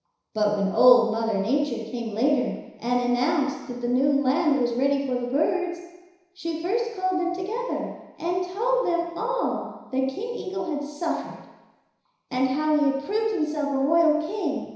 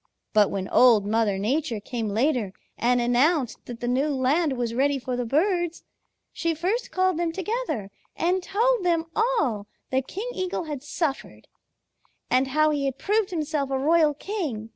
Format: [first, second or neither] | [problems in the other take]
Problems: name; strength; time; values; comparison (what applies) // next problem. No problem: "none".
second | room echo; dies away in 1 s